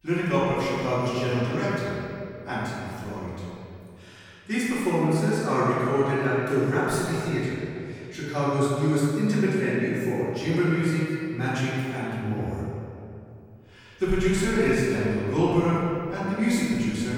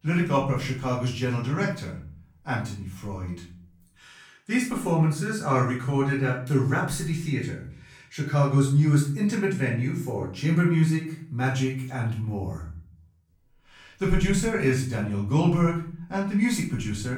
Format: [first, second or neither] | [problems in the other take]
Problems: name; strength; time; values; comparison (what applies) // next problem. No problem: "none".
second | room echo; strong; dies away in 2.3 s; slight in the second // off-mic speech; far; far in the second